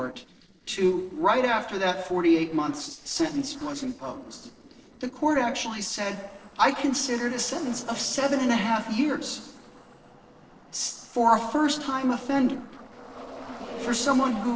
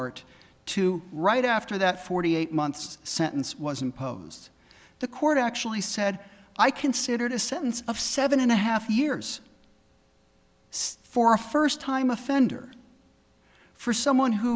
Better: second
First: noise reduction (neural separator model SepFormer DNS4)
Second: none

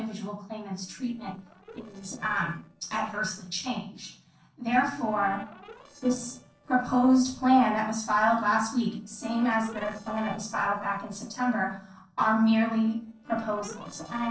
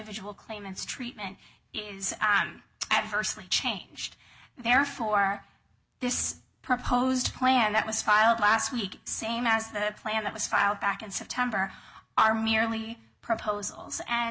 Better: second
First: noise reduction (neural separator model SepFormer DNS4)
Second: none

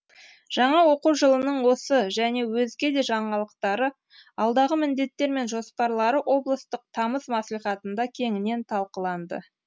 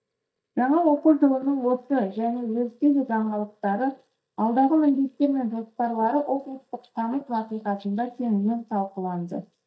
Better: first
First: none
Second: noise reduction (neural mask model DeepFilterNet 3)

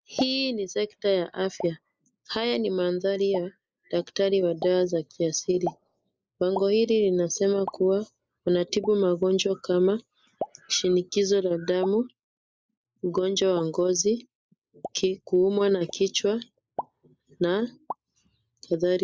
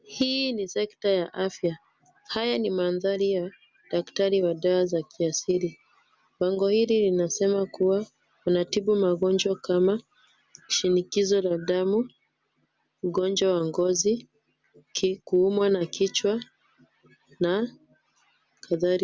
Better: second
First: noise reduction (neural mask model Resemble Enhance denoiser)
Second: none

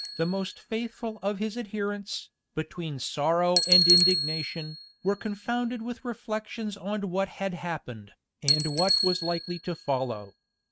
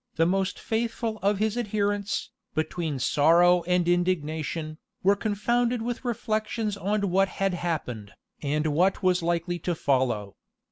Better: second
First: noise reduction (neural mask model RNNoise)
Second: none

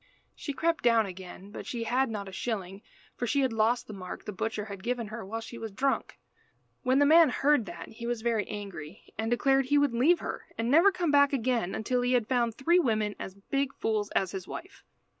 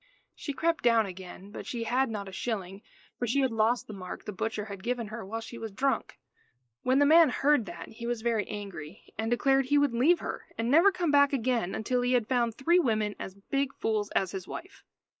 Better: first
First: none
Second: noise reduction (neural mask model Resemble Enhance denoiser)

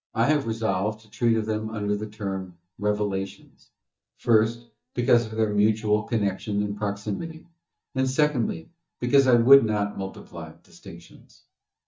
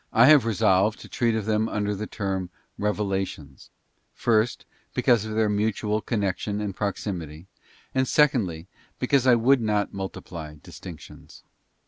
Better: second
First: noise reduction (neural mask model DeepFilterNet 3)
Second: none

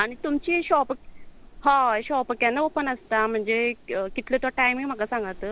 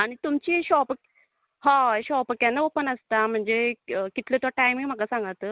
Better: second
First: background sound (Wind); 19 dB below the speech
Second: none

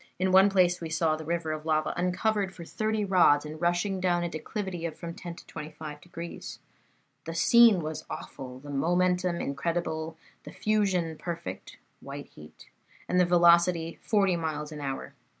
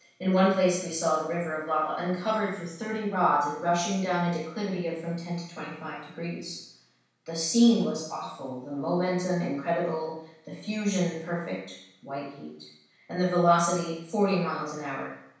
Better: first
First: none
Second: room echo; dies away in 0.7 s

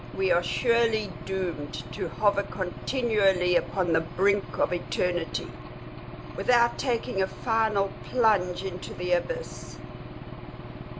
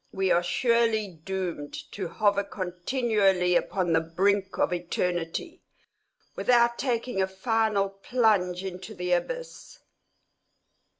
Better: second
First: background sound (Engine / Aircraft); 11 dB below the speech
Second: none

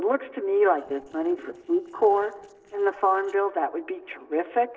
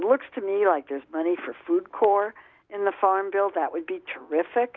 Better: second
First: noise reduction (neural separator model SepFormer DNS4)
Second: none

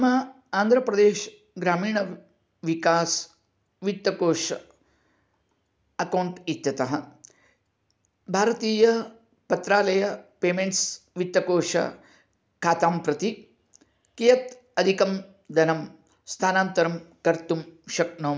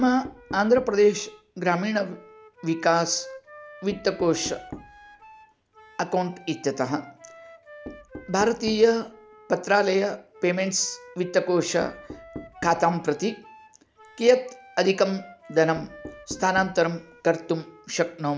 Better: first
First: none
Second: background sound (Knock + Wind instrument, woodwind instrument); 19 dB below the speech

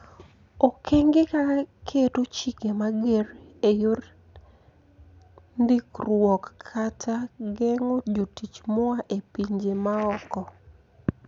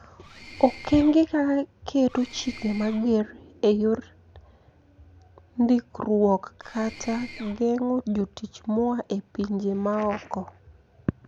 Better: first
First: none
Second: background sound (Mechanisms); 17 dB below the speech

